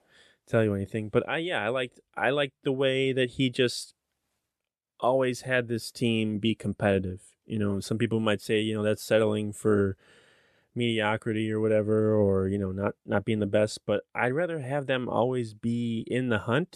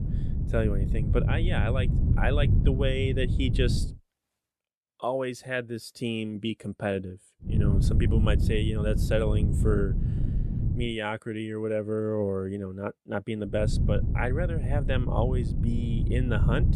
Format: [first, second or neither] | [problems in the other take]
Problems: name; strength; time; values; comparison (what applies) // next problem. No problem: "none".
first | wind noise on the microphone; heavy; until 4 s, from 7.5 to 11 s and from 14 s on; 8 dB below the speech